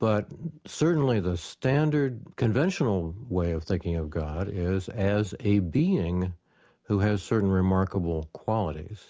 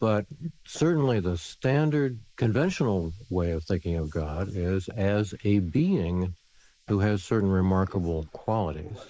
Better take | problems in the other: first | noise reduction (neural mask model Resemble Enhance denoiser)

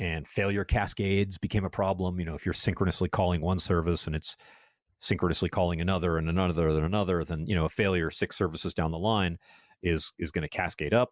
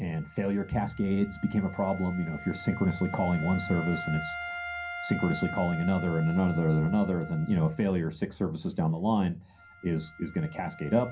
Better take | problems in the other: first | background sound (Wind instrument, woodwind instrument); 13 dB below the speech // room echo; dies away in 0.3 s

